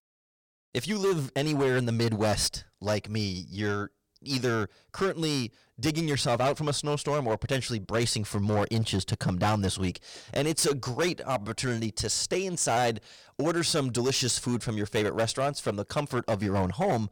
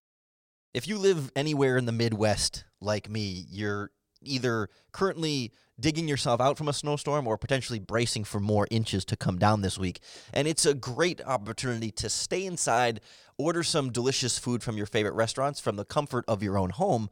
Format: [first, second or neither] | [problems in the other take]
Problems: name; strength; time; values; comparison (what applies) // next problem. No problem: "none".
second | distortion; slight; 9% of the sound clipped